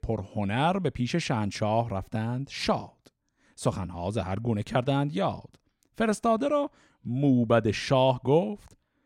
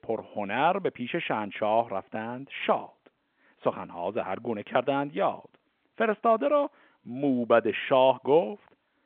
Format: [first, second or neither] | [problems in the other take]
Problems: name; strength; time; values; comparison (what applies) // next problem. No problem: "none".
first | phone-call audio; nothing above 3.5 kHz